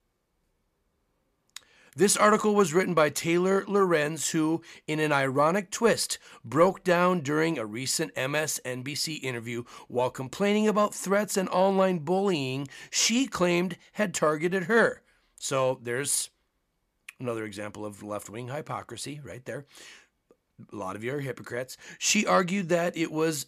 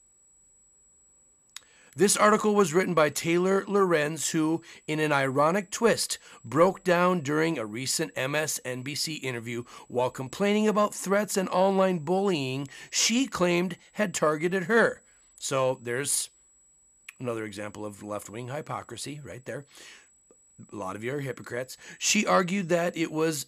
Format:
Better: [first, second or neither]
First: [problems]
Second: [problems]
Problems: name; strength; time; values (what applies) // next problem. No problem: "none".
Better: first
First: none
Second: high-pitched whine; faint; throughout; 8 kHz, 30 dB below the speech